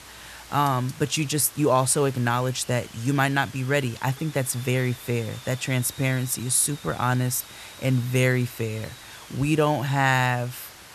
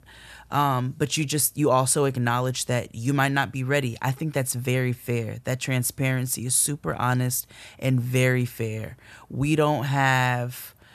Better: second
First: hiss; noticeable; throughout; 20 dB below the speech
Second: none

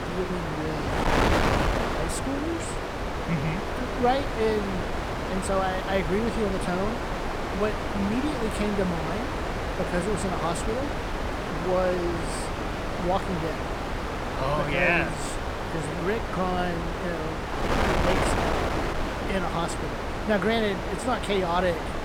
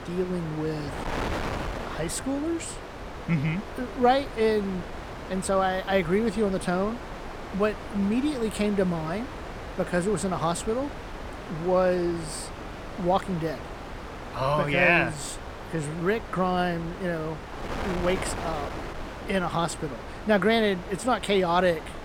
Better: second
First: wind noise on the microphone; heavy; as loud as the speech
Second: wind noise on the microphone; occasional gusts; 10 dB below the speech

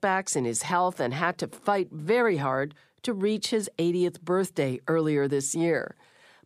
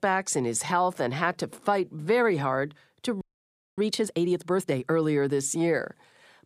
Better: first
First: none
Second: audio freezing; at 3 s for 0.5 s

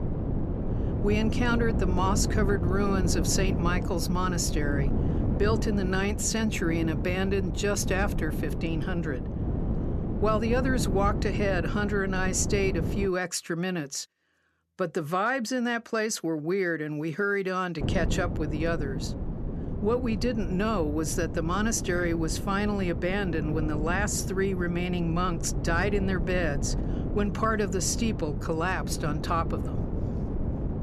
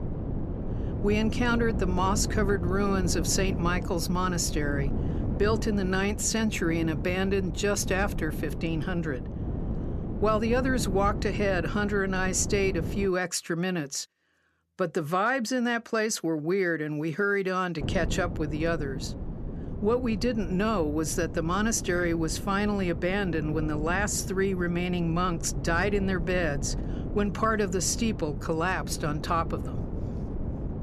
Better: second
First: wind noise on the microphone; heavy; until 13 s and from 18 s on; 9 dB below the speech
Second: wind noise on the microphone; occasional gusts; until 13 s and from 18 s on; 15 dB below the speech

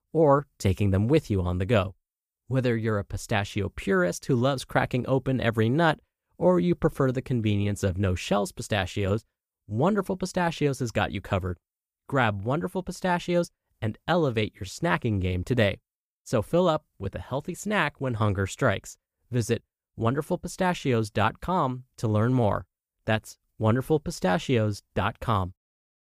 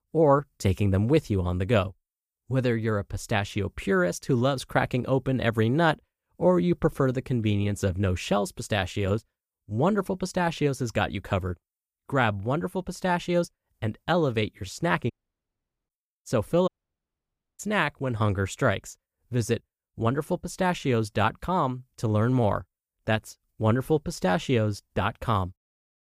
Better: first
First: none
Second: audio cutting out; at 15 s for 1 s and at 17 s for 1 s

